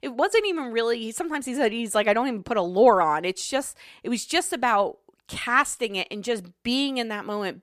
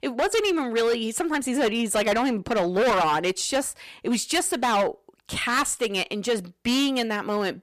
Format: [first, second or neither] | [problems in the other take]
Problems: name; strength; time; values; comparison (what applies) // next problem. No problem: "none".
first | distortion; heavy; 14% of the sound clipped